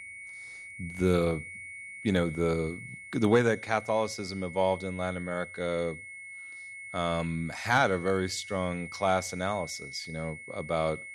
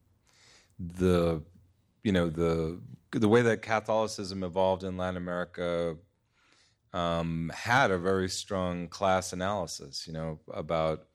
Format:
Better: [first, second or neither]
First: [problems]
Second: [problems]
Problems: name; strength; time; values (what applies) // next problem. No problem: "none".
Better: second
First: high-pitched whine; noticeable; throughout; 2 kHz, 10 dB below the speech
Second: none